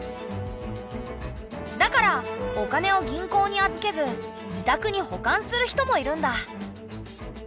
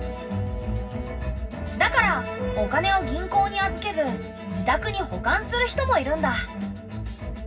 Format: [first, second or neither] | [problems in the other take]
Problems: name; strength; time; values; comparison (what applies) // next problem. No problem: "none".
first | room echo; dies away in 0.4 s